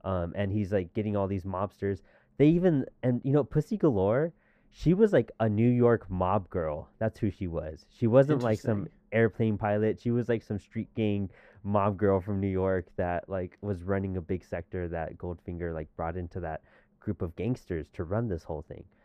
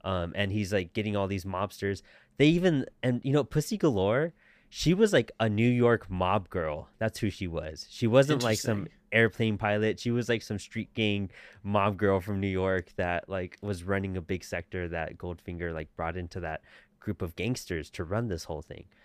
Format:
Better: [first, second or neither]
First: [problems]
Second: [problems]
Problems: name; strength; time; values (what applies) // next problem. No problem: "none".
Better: second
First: muffled; very; fading above 2 kHz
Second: none